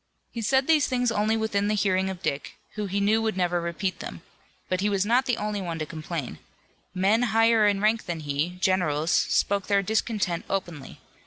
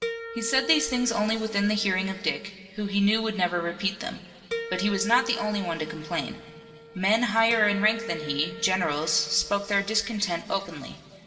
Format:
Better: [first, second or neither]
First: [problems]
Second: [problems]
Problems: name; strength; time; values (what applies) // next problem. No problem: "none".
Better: first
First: none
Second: background sound (Harp); 11 dB below the speech // room echo; dies away in 2.6 s